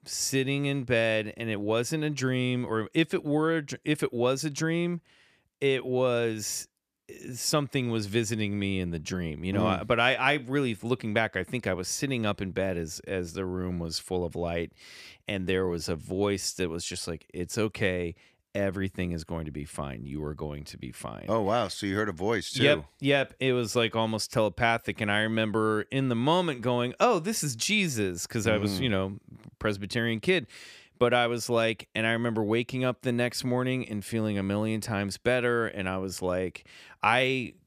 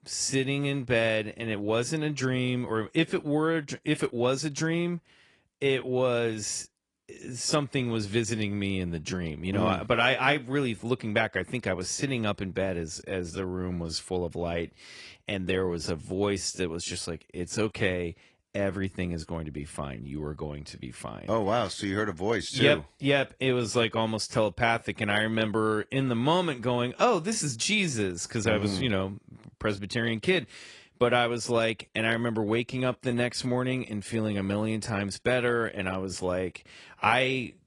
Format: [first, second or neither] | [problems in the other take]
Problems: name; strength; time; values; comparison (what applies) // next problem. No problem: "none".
first | garbled, watery; slightly; nothing above 10.5 kHz